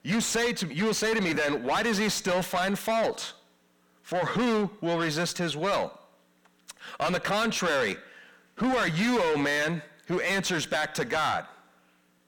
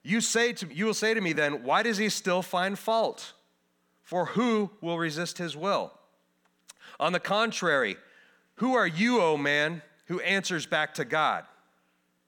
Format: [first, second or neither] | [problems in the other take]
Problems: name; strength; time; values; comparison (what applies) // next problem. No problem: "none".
second | distortion; heavy; 6 dB below the speech